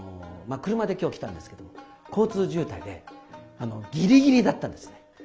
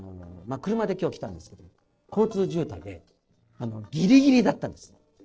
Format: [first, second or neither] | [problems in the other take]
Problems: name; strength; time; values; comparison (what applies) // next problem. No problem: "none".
first | noise reduction (neural separator model SepFormer DNS4)